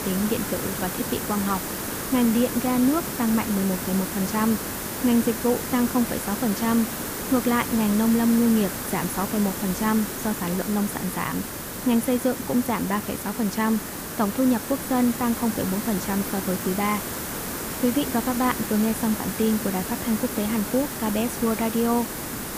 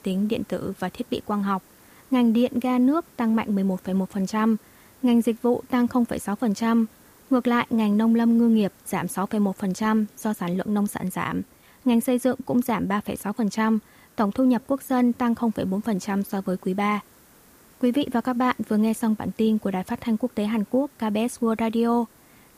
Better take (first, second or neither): second